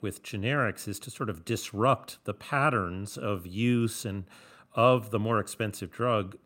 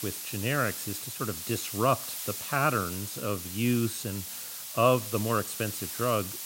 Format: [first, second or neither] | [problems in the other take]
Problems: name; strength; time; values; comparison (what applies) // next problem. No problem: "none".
first | hiss; loud; throughout; 6 dB below the speech